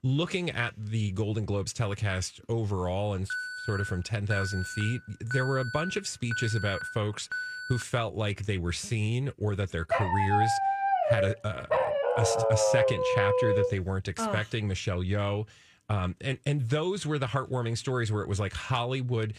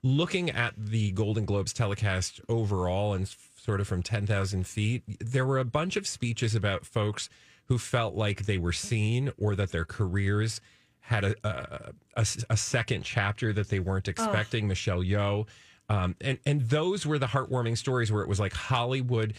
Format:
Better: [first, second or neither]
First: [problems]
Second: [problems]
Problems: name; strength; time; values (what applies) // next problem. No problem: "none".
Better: second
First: alarm; noticeable; from 3.5 to 8 s; peak 3 dB below the speech // dog barking; loud; from 10 to 14 s; peak 6 dB above the speech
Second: none